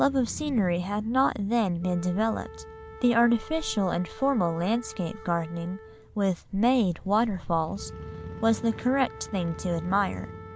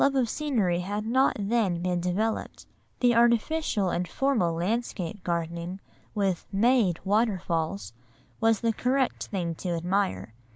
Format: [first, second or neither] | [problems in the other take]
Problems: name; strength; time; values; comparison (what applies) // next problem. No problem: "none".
second | background sound (Wind instrument, woodwind instrument + Motorcycle / Crow); 15 dB below the speech